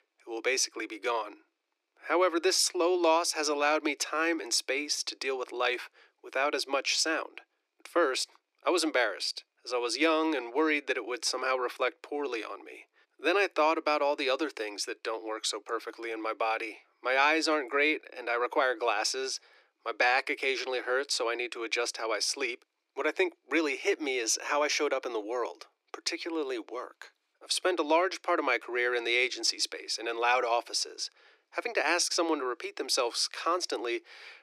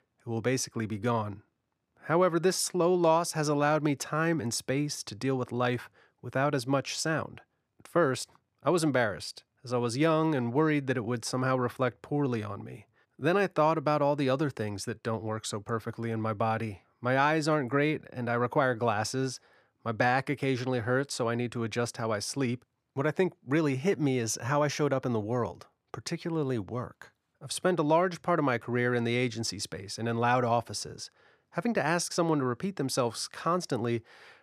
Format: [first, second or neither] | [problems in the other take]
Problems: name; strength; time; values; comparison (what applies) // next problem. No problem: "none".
second | thin; very; fading below 300 Hz